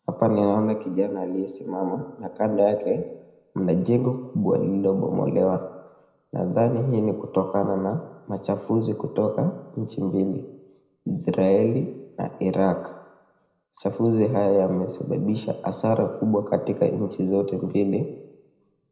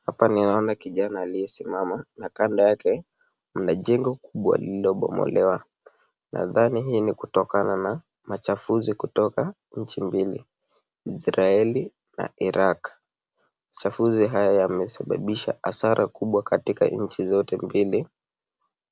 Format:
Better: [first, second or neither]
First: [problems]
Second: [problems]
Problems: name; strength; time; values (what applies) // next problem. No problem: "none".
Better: second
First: room echo; dies away in 0.7 s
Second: none